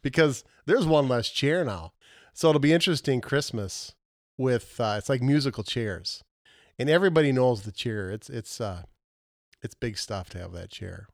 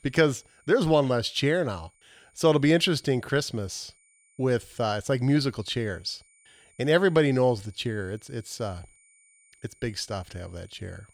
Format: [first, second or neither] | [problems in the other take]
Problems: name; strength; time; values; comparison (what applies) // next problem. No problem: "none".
first | high-pitched whine; faint; throughout; 2.5 kHz, 35 dB below the speech